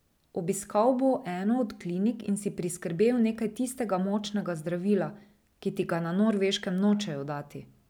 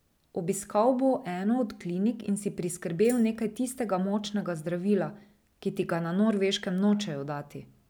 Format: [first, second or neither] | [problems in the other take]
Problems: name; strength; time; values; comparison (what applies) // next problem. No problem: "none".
first | background sound (Tambourine); 19 dB below the speech